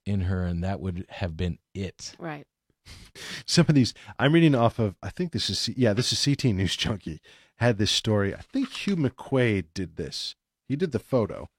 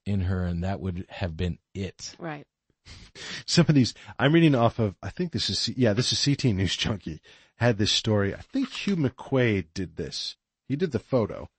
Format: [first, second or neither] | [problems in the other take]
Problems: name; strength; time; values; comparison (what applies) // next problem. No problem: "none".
first | garbled, watery; slightly; nothing above 8 kHz